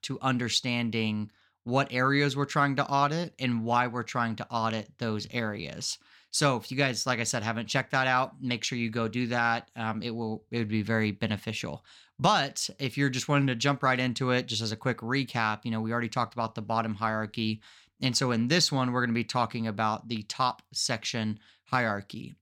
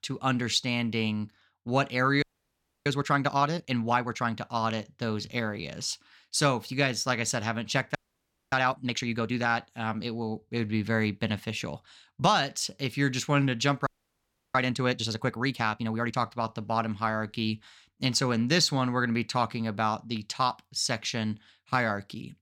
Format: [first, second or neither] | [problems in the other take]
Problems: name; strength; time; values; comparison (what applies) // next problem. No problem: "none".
first | audio freezing; at 2 s for 0.5 s, at 8 s for 0.5 s and at 14 s for 0.5 s